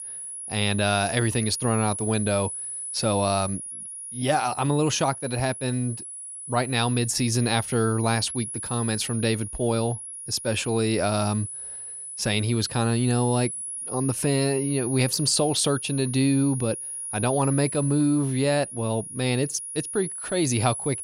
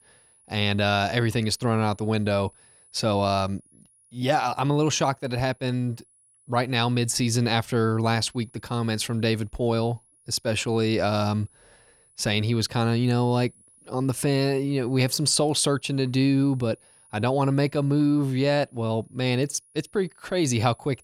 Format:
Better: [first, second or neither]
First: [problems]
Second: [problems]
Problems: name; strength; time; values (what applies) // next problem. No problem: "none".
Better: second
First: high-pitched whine; loud; throughout; 10.5 kHz, 7 dB below the speech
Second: high-pitched whine; faint; throughout; 10.5 kHz, 30 dB below the speech